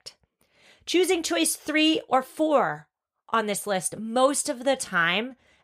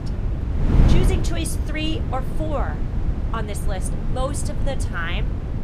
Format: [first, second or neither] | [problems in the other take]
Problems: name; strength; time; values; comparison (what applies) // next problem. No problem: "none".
first | wind noise on the microphone; heavy; 5 dB below the speech